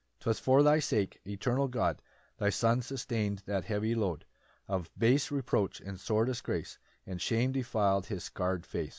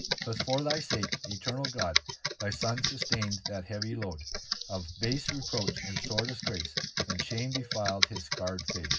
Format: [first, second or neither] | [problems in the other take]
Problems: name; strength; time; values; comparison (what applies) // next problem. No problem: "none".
first | background sound (Computer keyboard); 1 dB above the speech // room echo; dies away in 0.4 s